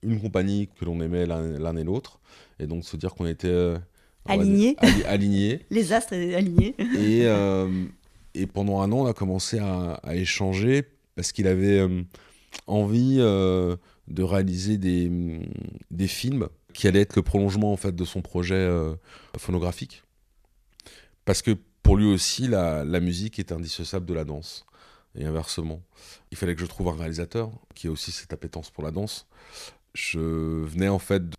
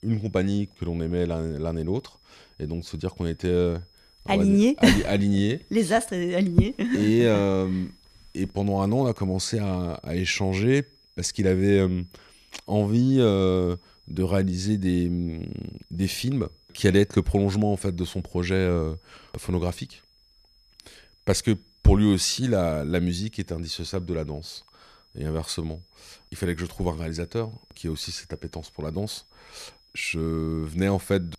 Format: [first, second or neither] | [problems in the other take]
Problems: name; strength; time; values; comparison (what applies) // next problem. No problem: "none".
first | high-pitched whine; faint; throughout; 5 kHz, 30 dB below the speech